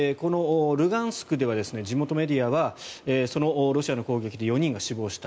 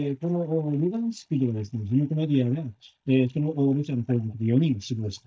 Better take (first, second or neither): first